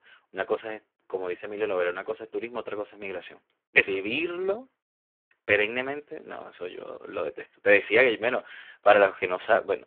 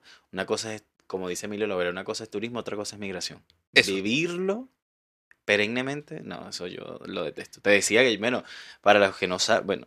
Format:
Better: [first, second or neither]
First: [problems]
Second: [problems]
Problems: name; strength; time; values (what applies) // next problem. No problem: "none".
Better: second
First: phone-call audio; poor line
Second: none